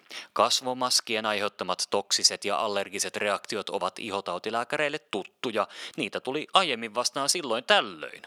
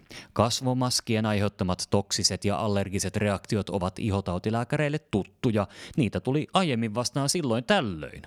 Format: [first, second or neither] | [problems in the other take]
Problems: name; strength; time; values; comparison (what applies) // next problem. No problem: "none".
second | thin; very; fading below 450 Hz